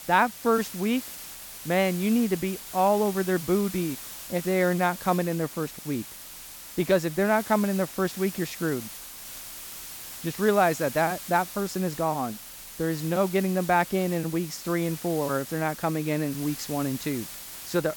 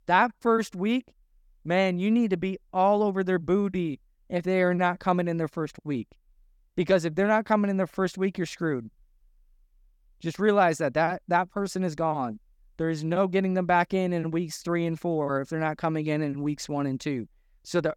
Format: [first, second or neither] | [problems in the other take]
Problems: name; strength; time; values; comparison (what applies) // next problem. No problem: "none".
second | hiss; noticeable; throughout; 10 dB below the speech